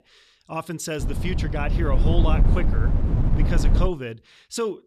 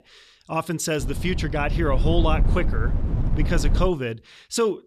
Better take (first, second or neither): second